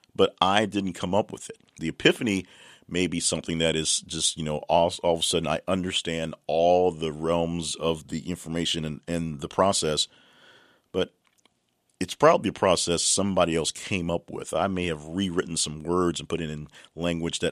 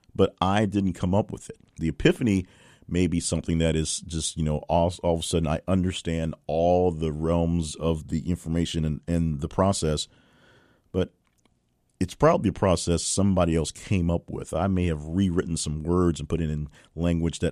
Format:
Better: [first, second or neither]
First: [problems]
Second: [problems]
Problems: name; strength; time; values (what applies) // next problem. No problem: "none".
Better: second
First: thin; very slightly; fading below 500 Hz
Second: none